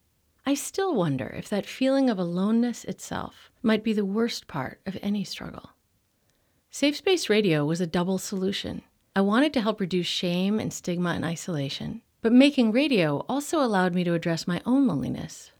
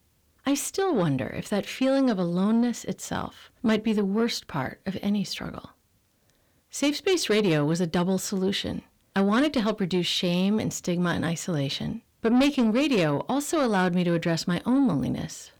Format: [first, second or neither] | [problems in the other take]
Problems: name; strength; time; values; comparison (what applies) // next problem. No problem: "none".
first | distortion; slight; 10 dB below the speech